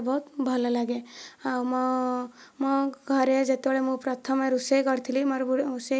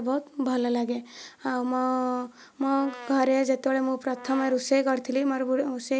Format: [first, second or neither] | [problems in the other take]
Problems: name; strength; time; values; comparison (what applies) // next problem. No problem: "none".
first | background sound (Brass instrument); 19 dB below the speech